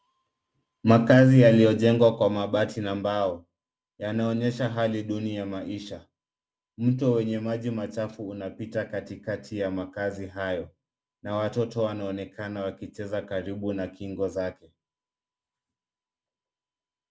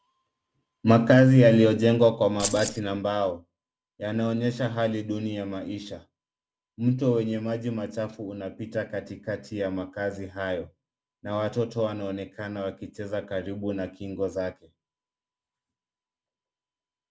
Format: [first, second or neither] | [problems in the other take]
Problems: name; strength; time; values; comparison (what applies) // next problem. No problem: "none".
first | background sound (Keys jangling); 6 dB below the speech